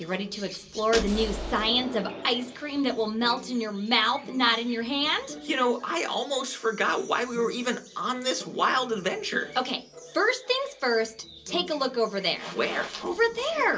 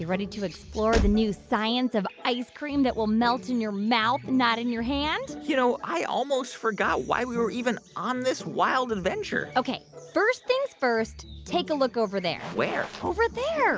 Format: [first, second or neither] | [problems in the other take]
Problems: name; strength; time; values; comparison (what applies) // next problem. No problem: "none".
second | background sound (Explosion); 12 dB below the speech // room echo; dies away in 0.2 s